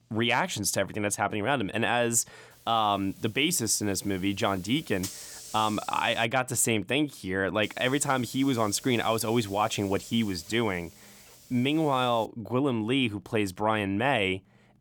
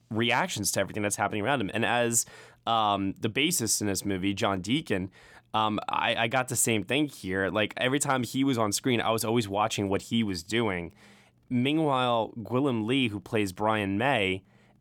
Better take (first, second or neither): second